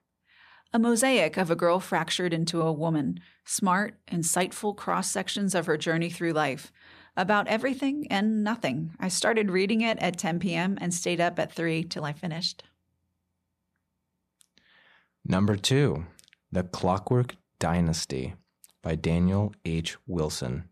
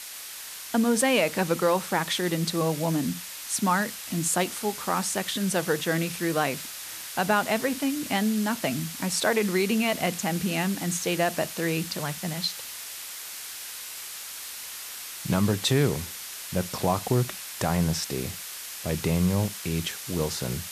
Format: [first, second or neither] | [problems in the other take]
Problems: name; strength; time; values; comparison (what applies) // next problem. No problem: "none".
first | hiss; loud; throughout; 9 dB below the speech